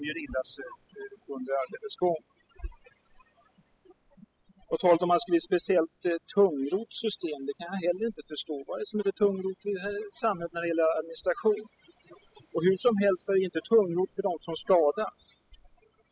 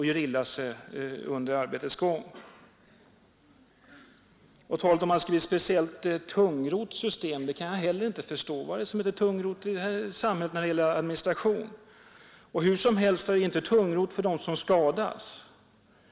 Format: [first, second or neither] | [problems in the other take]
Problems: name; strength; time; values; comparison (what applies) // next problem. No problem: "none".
second | noise reduction (classical method spectral subtraction)